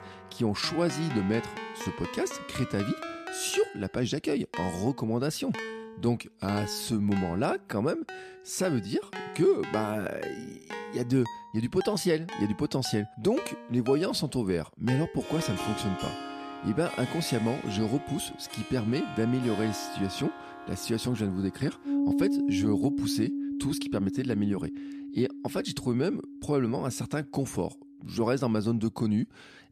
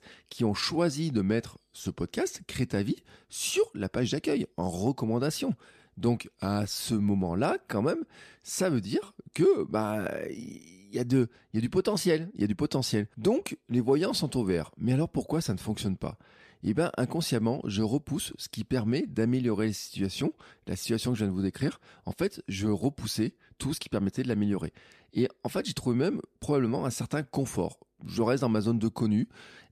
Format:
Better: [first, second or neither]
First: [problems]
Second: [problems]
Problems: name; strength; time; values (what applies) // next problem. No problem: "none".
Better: second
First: background music; loud; throughout; 7 dB below the speech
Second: none